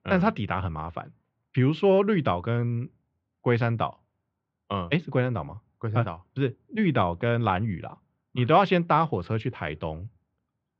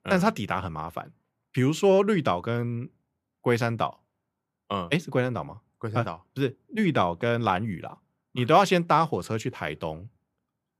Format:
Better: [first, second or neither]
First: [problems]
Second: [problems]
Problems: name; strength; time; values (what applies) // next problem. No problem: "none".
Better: second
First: muffled; slightly; fading above 3.5 kHz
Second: none